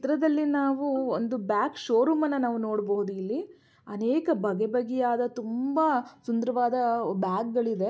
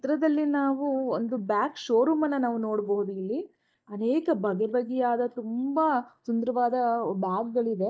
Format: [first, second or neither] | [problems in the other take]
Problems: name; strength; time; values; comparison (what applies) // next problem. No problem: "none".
first | noise reduction (neural mask model DeepFilterNet 3)